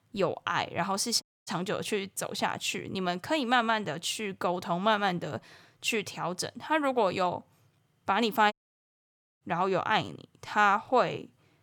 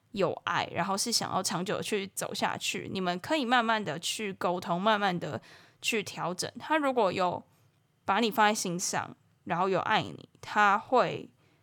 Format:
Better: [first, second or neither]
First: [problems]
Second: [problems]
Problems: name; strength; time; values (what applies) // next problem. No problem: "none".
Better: second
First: audio cutting out; at 1 s and at 8.5 s for 1 s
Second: none